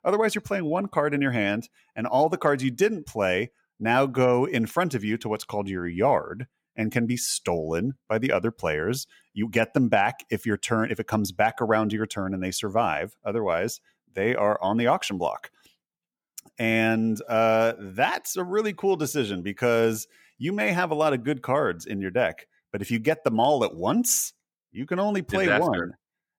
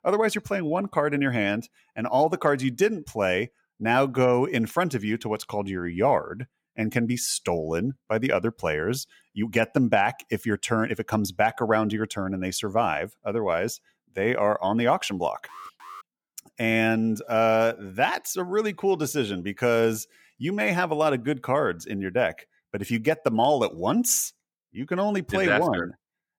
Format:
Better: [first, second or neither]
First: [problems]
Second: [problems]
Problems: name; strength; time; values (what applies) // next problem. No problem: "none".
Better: first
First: none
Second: alarm; faint; at 15 s; peak 15 dB below the speech